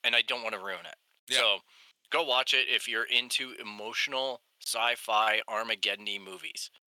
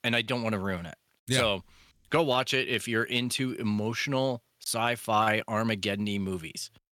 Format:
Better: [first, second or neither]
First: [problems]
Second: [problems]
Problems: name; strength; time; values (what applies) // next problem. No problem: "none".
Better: second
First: thin; very; fading below 650 Hz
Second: none